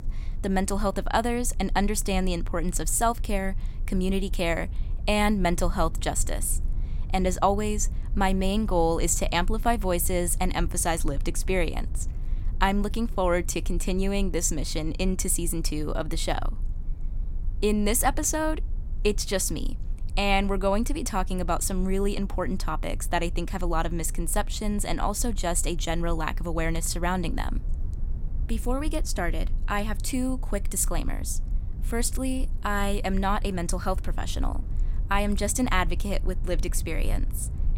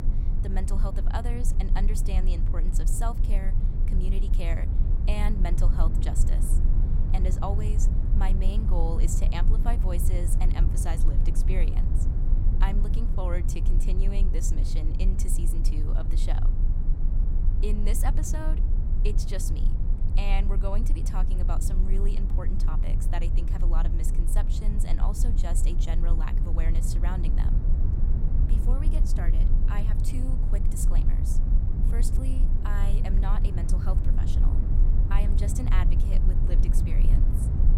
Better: first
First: low rumble; faint; throughout; 25 dB below the speech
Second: low rumble; loud; throughout; 4 dB below the speech

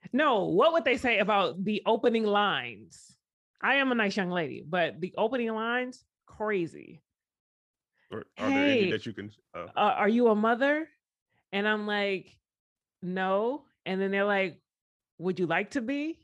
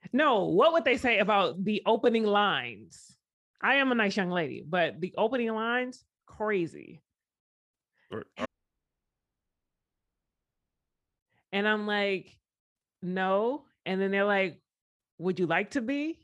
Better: first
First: none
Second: audio cutting out; at 8.5 s for 2.5 s

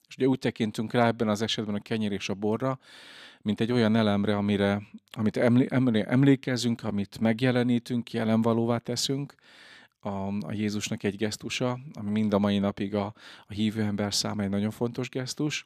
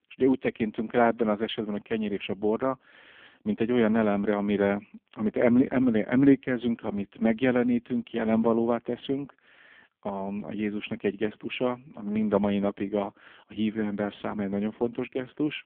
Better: first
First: none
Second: phone-call audio; poor line; nothing above 3.5 kHz

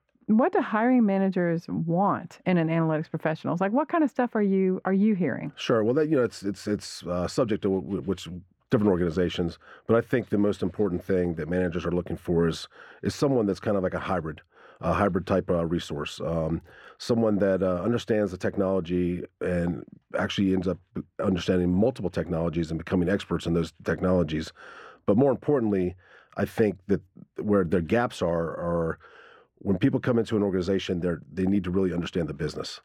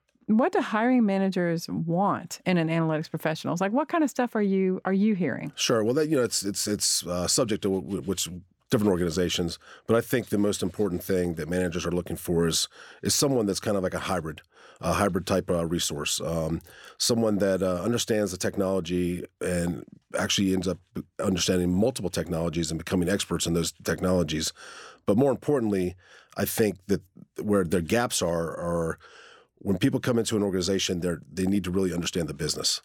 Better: second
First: muffled; slightly; fading above 4 kHz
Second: none

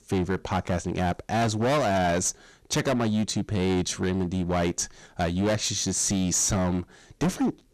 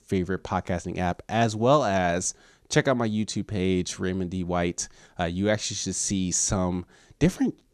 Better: second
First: distortion; heavy; 16% of the sound clipped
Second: none

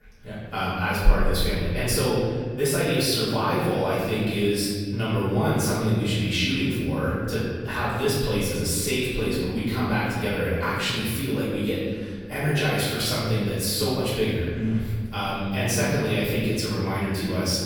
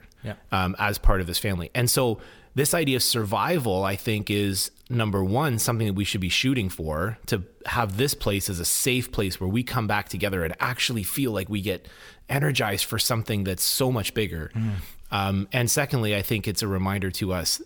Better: second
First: room echo; strong; dies away in 1.8 s // off-mic speech; far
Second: none

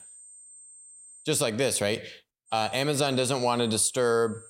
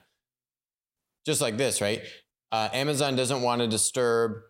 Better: second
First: high-pitched whine; faint; until 1.5 s and from 2.5 s on; 8.5 kHz, 20 dB below the speech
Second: none

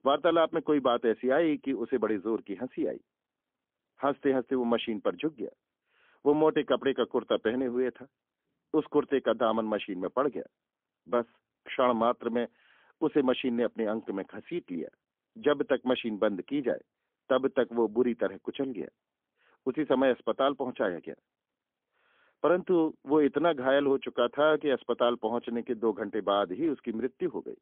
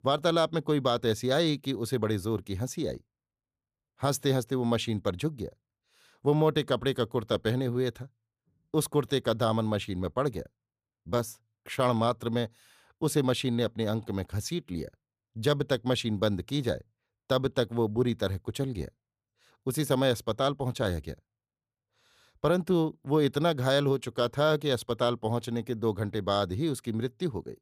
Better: second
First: phone-call audio; poor line; nothing above 3.5 kHz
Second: none

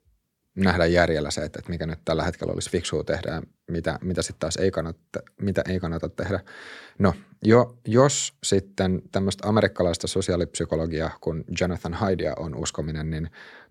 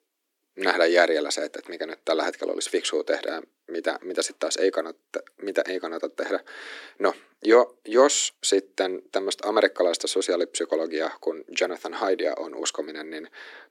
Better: first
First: none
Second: thin; somewhat; fading below 300 Hz

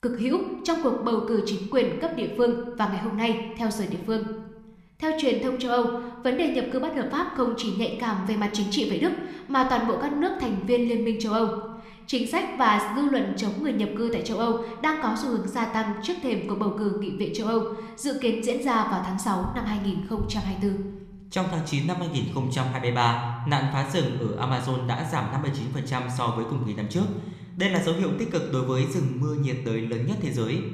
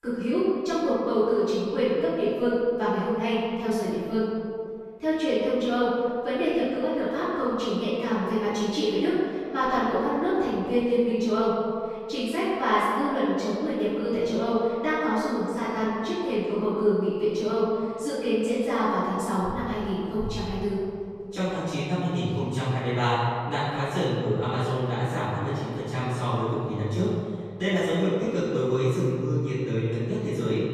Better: first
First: room echo; slight; dies away in 1 s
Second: room echo; strong; dies away in 2.1 s // off-mic speech; far

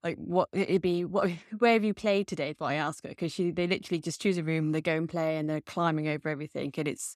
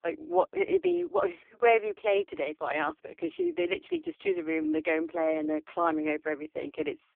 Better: first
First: none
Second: phone-call audio; poor line

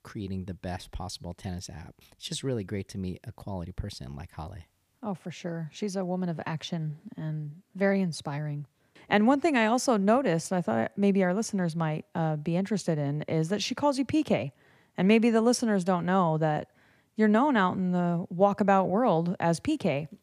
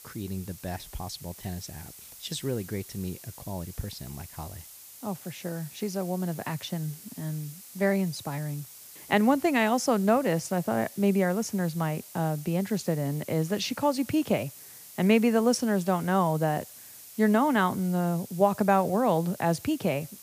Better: first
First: none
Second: hiss; noticeable; throughout; 15 dB below the speech

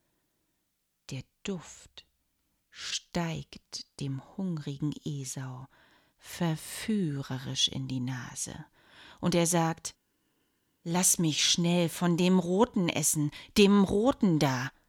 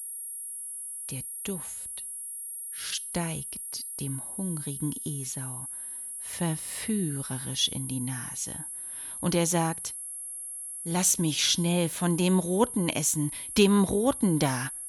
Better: first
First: none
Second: high-pitched whine; loud; throughout; 11 kHz, 7 dB below the speech

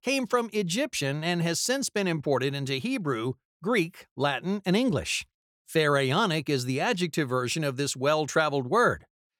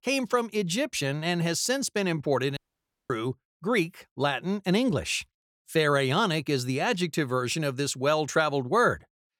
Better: first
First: none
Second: audio cutting out; at 2.5 s for 0.5 s

